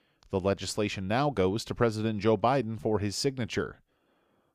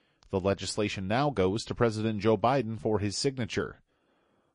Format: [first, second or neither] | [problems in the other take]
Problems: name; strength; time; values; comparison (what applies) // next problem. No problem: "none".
first | garbled, watery; slightly; nothing above 10.5 kHz